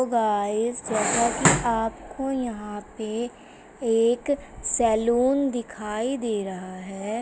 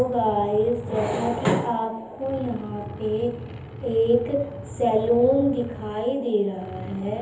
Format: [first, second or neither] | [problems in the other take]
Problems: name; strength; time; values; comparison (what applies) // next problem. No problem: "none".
first | background sound (Truck); 13 dB below the speech // room echo; dies away in 0.7 s